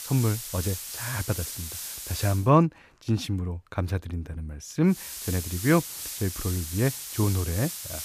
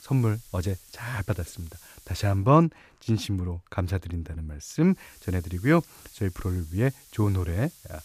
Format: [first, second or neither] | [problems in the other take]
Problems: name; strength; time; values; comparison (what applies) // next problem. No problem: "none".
second | hiss; loud; until 2.5 s and from 5 s on; 6 dB below the speech; faint in the second